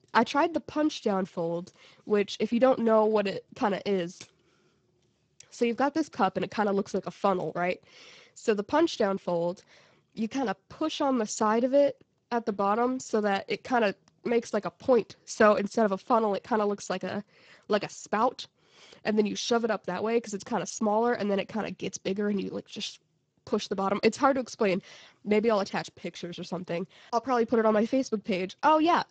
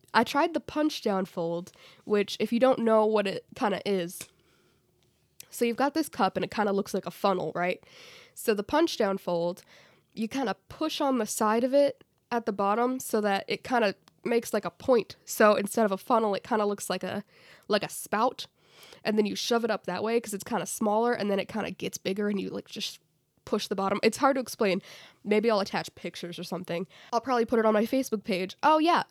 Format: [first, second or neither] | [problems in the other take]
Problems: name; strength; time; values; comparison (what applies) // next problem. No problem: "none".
second | garbled, watery; badly; nothing above 7.5 kHz